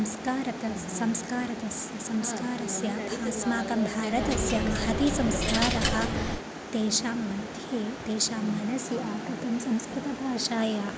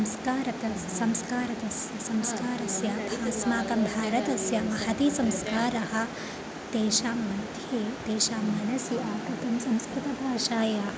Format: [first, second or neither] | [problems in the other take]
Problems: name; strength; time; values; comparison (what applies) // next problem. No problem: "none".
second | background sound (Coin (dropping)); as loud as the speech